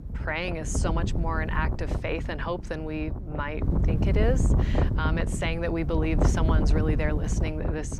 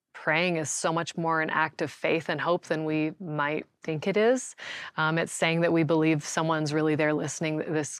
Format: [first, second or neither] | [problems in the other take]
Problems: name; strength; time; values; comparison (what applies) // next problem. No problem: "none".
second | wind noise on the microphone; heavy; 5 dB below the speech